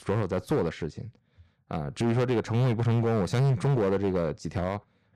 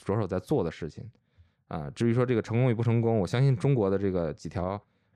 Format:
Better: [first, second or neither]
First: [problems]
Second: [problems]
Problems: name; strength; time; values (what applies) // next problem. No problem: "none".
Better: second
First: distortion; slight; 13% of the sound clipped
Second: none